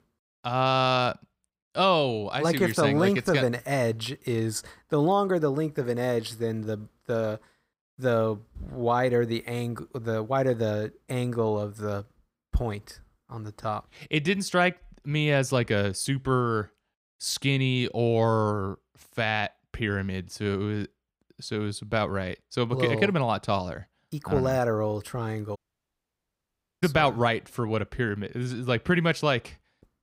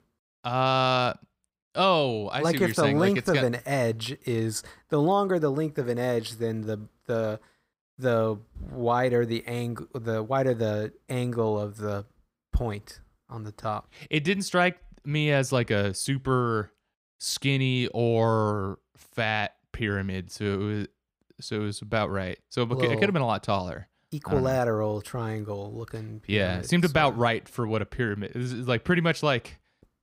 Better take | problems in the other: second | audio cutting out; at 26 s for 1.5 s

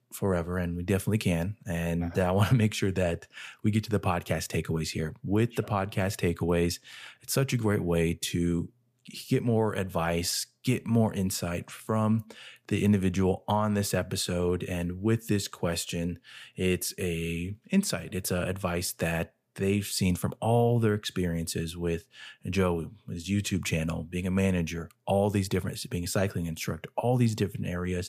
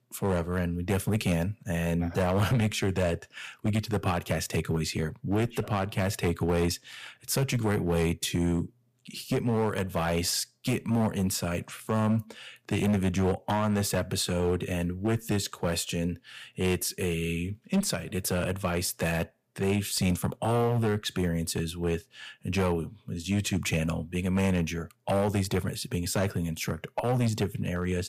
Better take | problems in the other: first | distortion; slight; 6% of the sound clipped

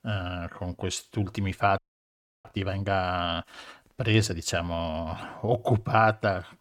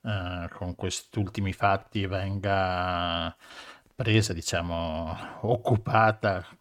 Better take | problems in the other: second | audio freezing; at 2 s for 0.5 s

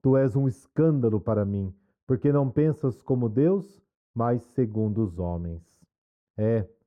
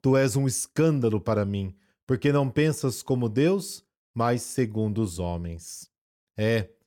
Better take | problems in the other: second | muffled; very; fading above 1.5 kHz

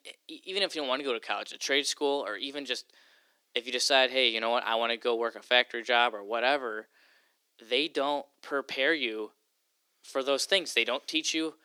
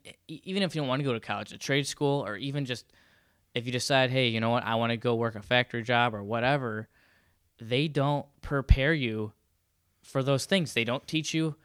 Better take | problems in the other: second | thin; somewhat; fading below 300 Hz

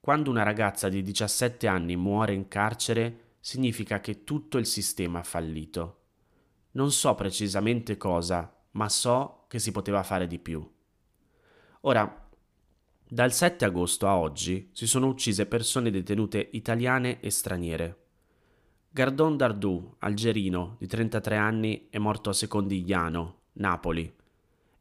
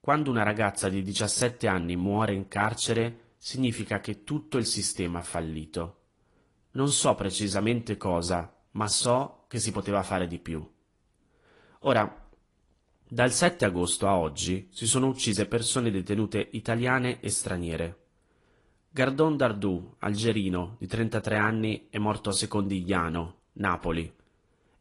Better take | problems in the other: first | garbled, watery; slightly

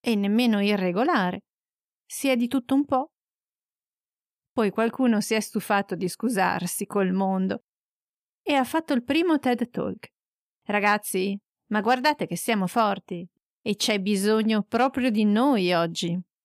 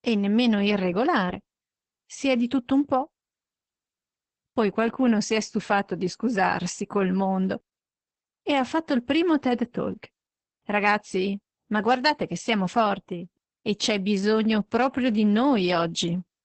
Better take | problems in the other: first | garbled, watery; badly; nothing above 8 kHz

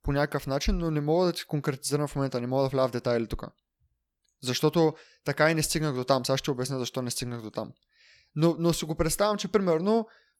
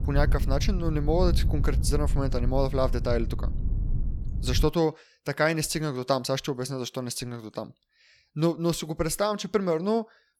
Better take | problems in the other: first | low rumble; noticeable; until 4.5 s; 15 dB below the speech

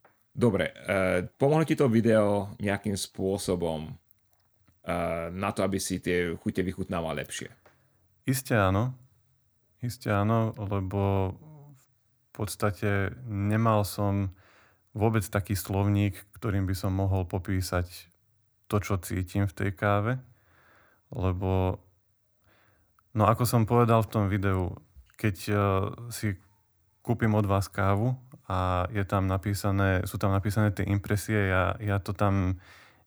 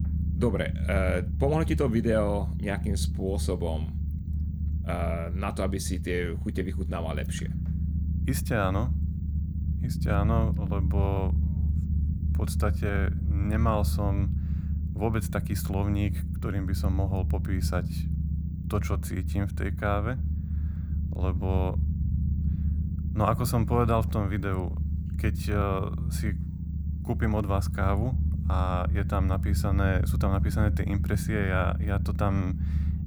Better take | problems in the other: first | low rumble; noticeable; throughout; 10 dB below the speech

